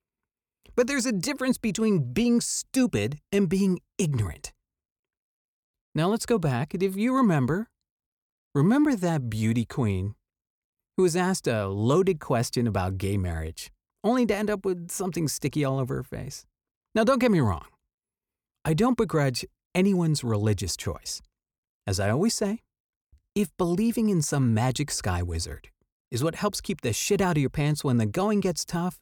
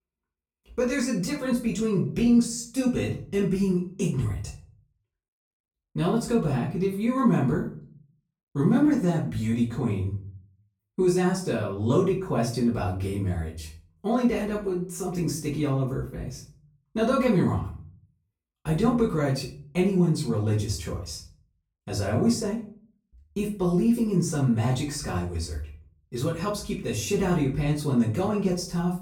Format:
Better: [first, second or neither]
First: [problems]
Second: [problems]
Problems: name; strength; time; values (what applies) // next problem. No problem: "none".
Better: first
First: none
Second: off-mic speech; far // room echo; slight; dies away in 0.4 s